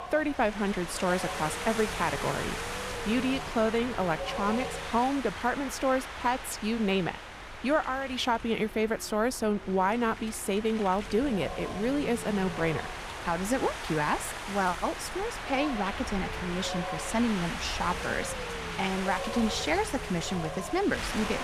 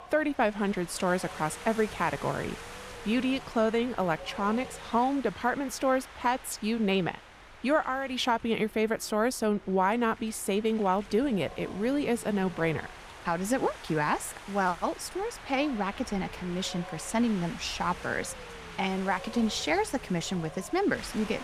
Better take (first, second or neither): second